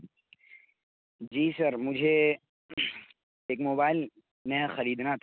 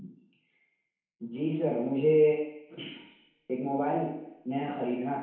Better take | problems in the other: first | room echo; dies away in 1 s

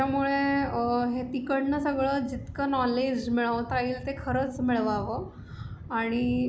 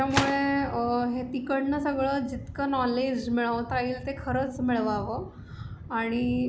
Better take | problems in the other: first | background sound (Gunshot, gunfire); 11 dB below the speech

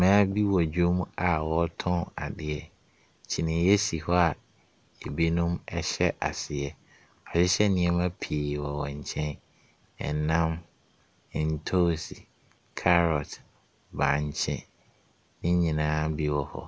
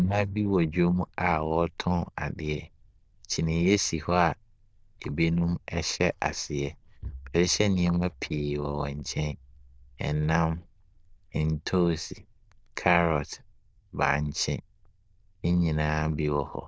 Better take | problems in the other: first | noise reduction (neural diffusion model UNIVERSE++)

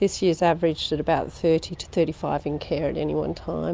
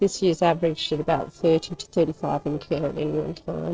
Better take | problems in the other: first | noise reduction (neural separator model SepFormer DNS4)

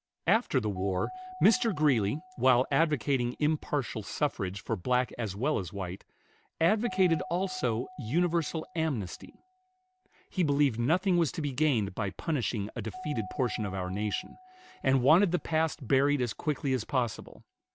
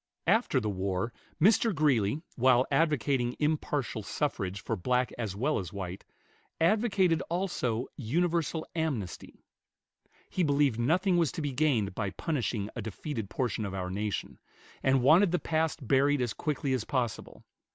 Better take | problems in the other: second | background sound (Keyboard (musical)); 19 dB below the speech

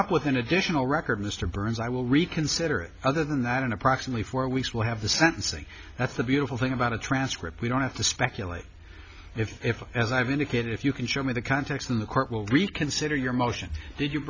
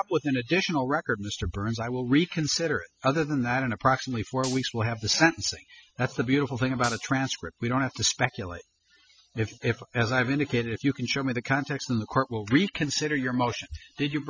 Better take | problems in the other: first | noise reduction (classical method spectral subtraction)

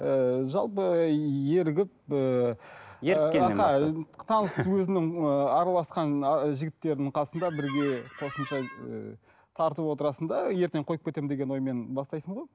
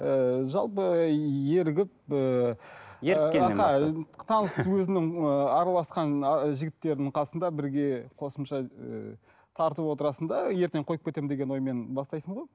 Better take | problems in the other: second | background sound (Squeak); 14 dB below the speech

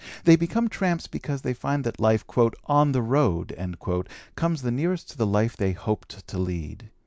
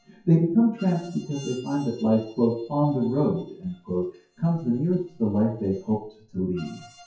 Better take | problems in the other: first | noise reduction (classical method WPE with log-MMSE)

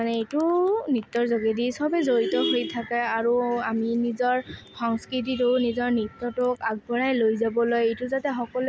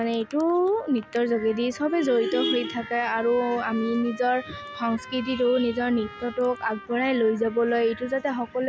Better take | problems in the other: first | background sound (Trumpet); 18 dB below the speech

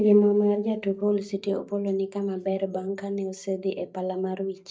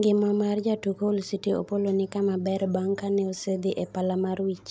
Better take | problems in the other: second | noise reduction (neural mask model DeepFilterNet 3)

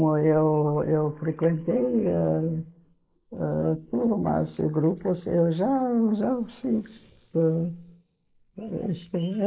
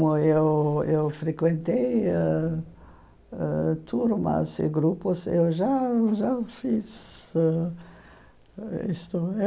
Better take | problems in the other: second | noise reduction (neural mask model Resemble Enhance denoiser)

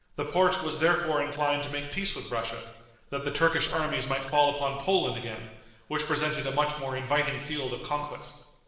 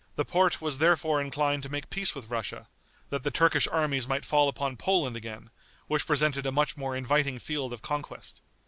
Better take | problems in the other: second | noise reduction (neural separator model SepFormer DNS4)

